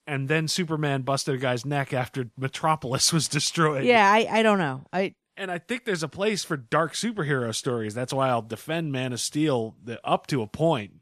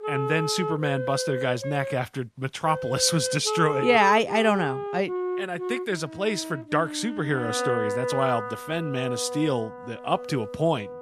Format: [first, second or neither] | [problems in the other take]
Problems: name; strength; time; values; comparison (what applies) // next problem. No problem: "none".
first | background music; loud; throughout; 5 dB below the speech